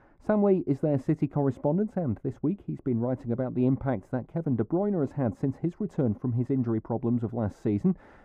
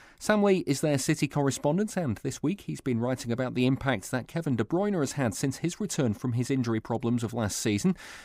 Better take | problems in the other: second | muffled; very; fading above 2 kHz

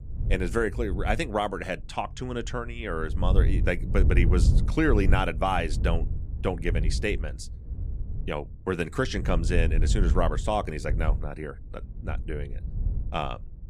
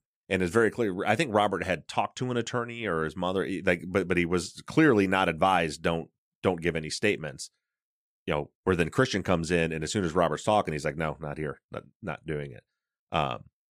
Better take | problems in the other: second | wind noise on the microphone; occasional gusts; 15 dB below the speech

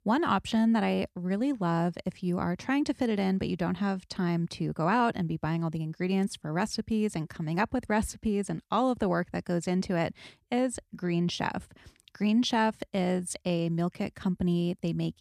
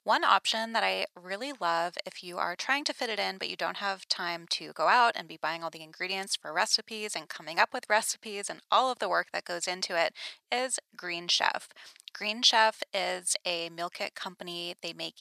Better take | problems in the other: first | thin; very; fading below 900 Hz

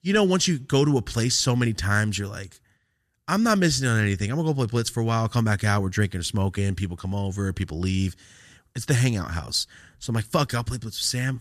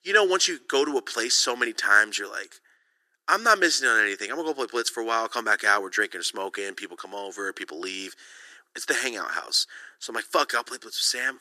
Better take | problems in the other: first | thin; very; fading below 350 Hz

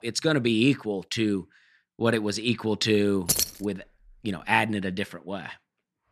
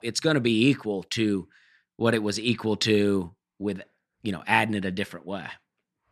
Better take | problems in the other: second | jangling keys; loud; at 3.5 s; peak 2 dB above the speech

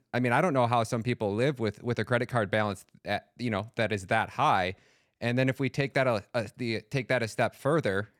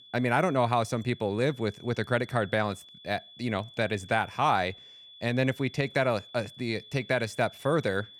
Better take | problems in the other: first | high-pitched whine; noticeable; throughout; 3.5 kHz, 20 dB below the speech

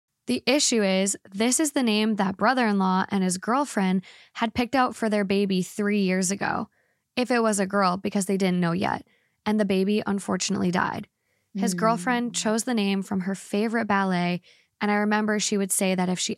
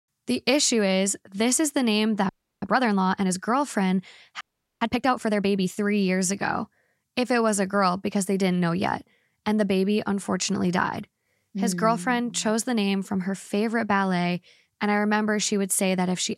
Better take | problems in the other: first | audio freezing; at 2.5 s and at 4.5 s

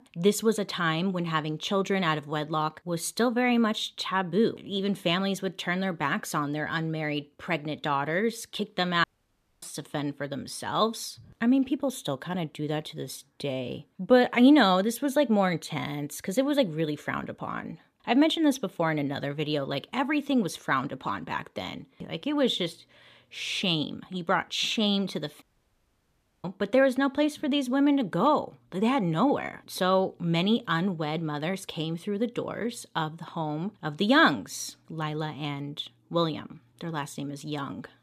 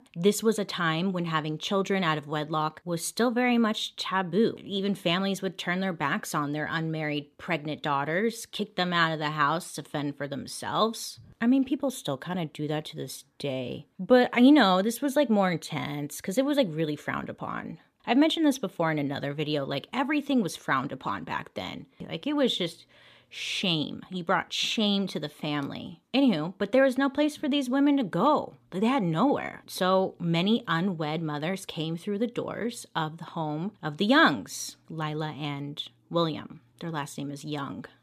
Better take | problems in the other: second | audio cutting out; at 9 s for 0.5 s and at 25 s for 1 s

